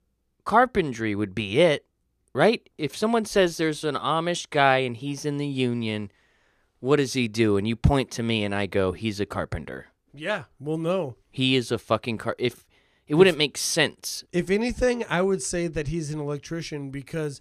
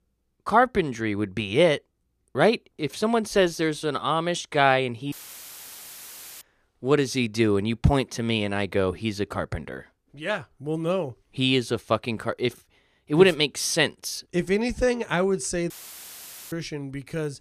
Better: first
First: none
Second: audio cutting out; filled with static; at 5 s for 1.5 s and at 16 s for 1 s

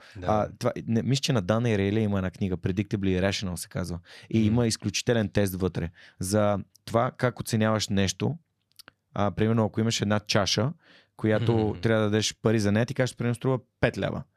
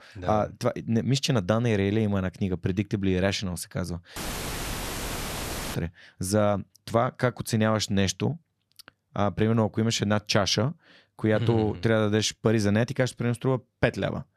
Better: first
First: none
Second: audio cutting out; filled with static; at 4 s for 1.5 s

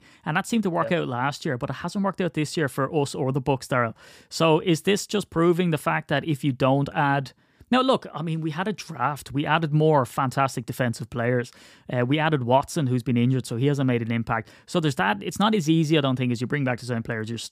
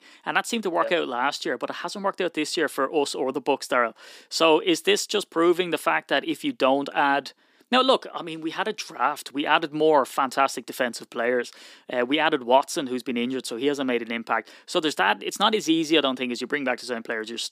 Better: first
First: none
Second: thin; somewhat; fading below 300 Hz

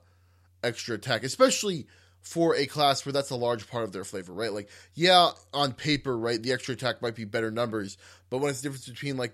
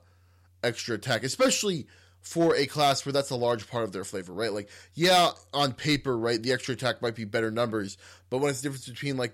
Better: first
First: none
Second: distortion; slight; 1.7% of the sound clipped

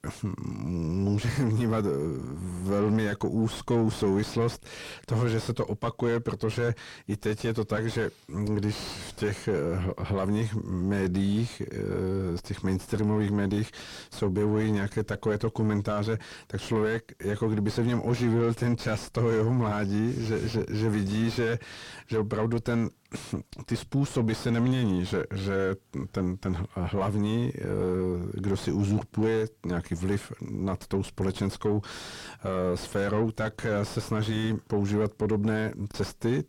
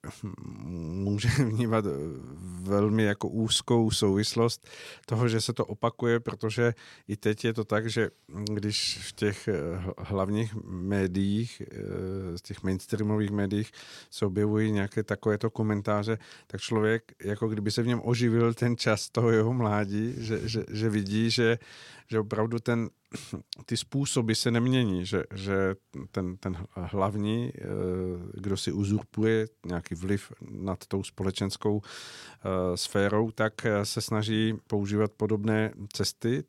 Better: second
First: distortion; heavy; 6 dB below the speech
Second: none

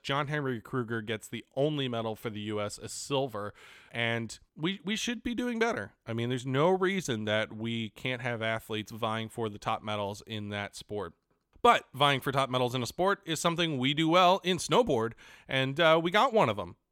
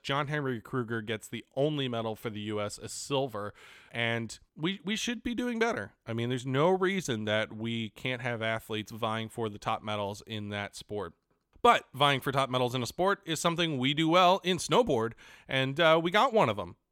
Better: neither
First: none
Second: none

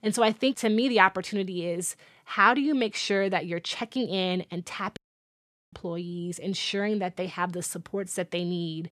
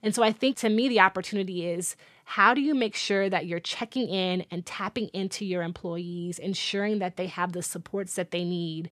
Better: second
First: audio cutting out; at 5 s for 1 s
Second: none

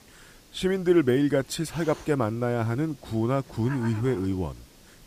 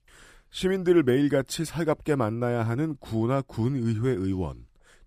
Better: second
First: hiss; faint; throughout; 20 dB below the speech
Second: none

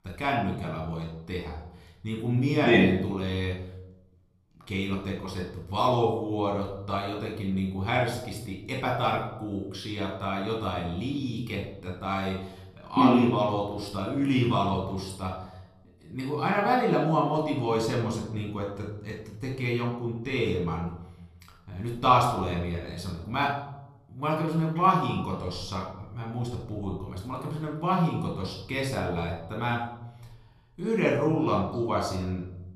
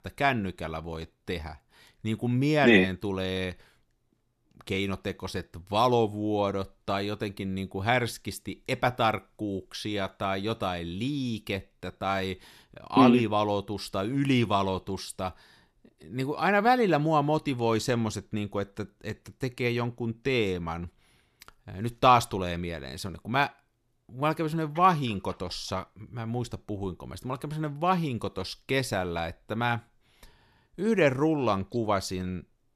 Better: second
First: off-mic speech; somewhat distant // room echo; noticeable; dies away in 0.8 s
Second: none

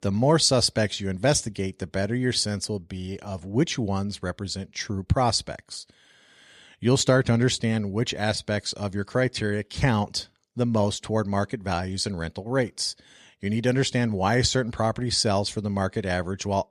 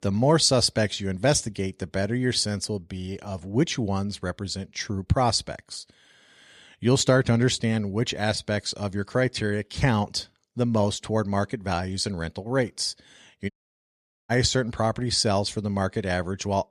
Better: first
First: none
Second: audio cutting out; at 14 s for 1 s

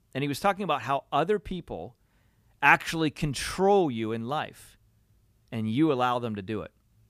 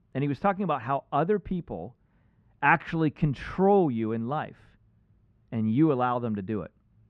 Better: first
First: none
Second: muffled; very; fading above 2 kHz

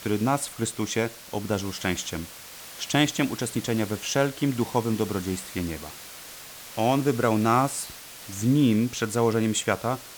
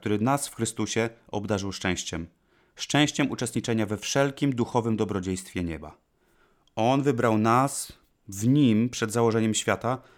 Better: second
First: hiss; noticeable; throughout; 15 dB below the speech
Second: none

